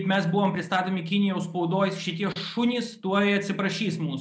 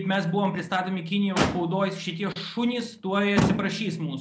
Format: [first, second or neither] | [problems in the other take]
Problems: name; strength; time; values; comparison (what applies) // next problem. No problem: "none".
first | background sound (Motor vehicle (road)); 5 dB below the speech